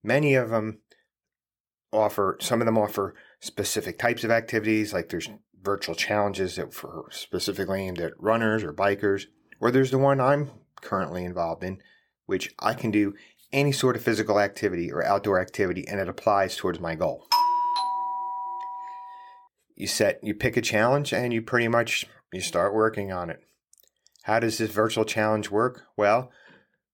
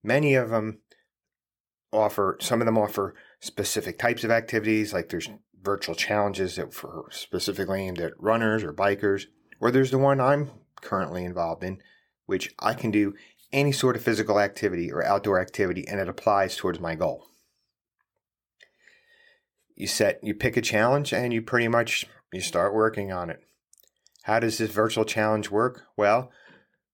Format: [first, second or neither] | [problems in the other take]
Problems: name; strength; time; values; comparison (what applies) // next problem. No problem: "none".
second | doorbell; loud; from 17 to 19 s; peak 4 dB above the speech